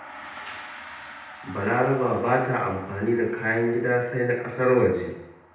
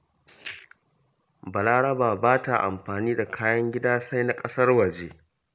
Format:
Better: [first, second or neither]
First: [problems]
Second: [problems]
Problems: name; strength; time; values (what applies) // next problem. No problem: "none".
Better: second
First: background sound (Gong); 19 dB below the speech // room echo; dies away in 0.8 s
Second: none